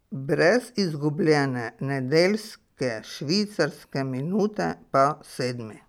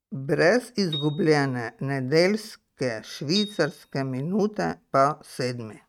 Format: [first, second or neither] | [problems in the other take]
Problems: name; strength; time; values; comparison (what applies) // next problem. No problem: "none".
first | noise reduction (neural mask model RNNoise)